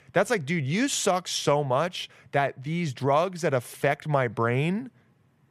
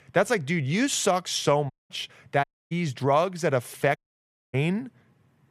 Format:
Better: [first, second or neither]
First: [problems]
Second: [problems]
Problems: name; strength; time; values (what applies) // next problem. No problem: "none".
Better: first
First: none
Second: audio cutting out; at 1.5 s, at 2.5 s and at 4 s for 0.5 s